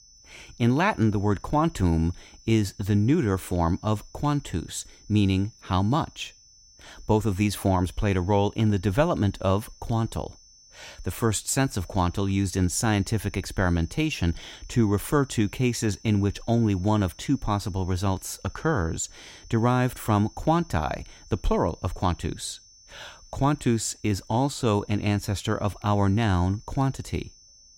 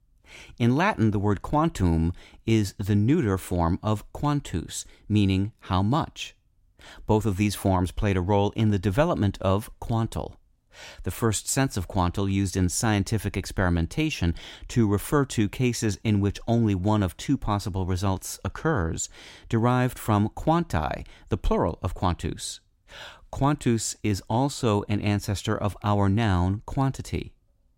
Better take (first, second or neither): second